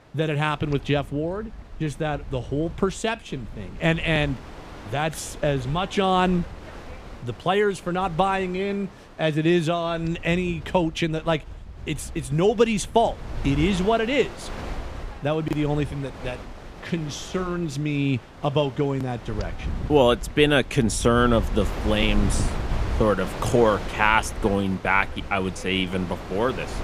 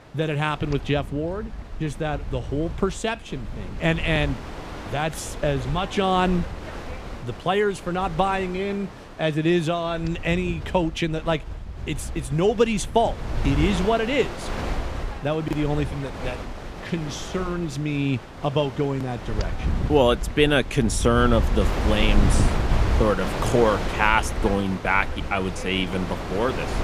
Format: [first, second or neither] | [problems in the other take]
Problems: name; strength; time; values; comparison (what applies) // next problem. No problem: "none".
first | wind noise on the microphone; heavy; 10 dB below the speech; occasional gusts in the first